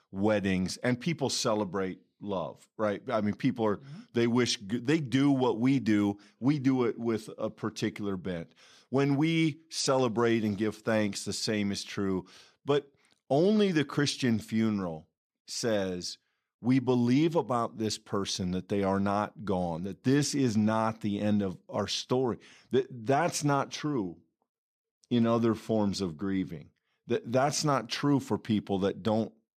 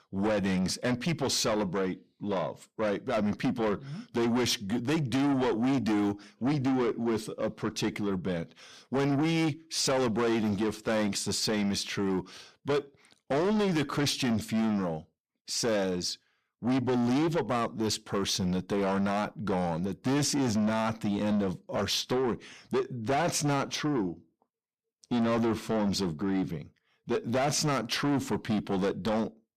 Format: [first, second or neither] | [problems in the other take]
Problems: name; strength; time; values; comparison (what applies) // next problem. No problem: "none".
first | distortion; heavy; 7 dB below the speech